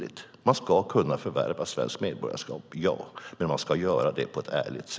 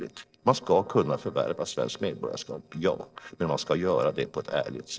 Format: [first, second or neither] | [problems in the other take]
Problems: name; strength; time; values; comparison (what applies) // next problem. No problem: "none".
first | noise reduction (neural separator model SepFormer DNS4)